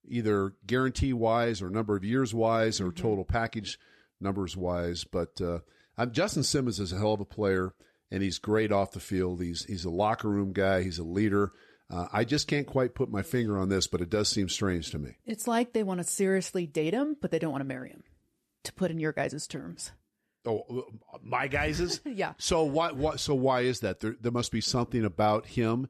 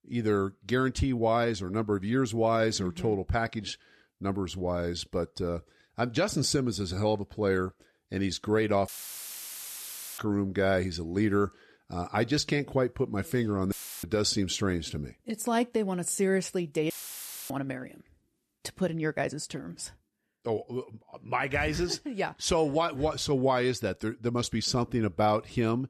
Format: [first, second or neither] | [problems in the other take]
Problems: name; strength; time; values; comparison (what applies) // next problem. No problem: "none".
first | audio cutting out; filled with static; at 9 s for 1.5 s, at 14 s and at 17 s for 0.5 s